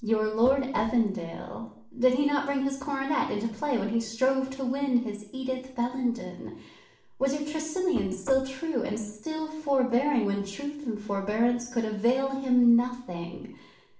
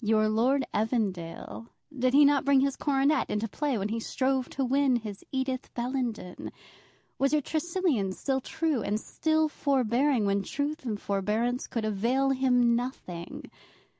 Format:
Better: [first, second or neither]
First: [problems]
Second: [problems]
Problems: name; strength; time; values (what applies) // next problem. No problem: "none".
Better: second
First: background sound (Knock); 16 dB below the speech // room echo; dies away in 0.6 s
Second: none